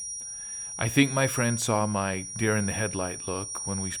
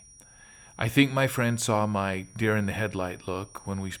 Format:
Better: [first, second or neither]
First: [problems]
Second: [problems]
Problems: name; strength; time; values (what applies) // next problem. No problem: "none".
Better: second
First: high-pitched whine; loud; throughout; 5.5 kHz, 6 dB below the speech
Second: high-pitched whine; faint; throughout; 5.5 kHz, 25 dB below the speech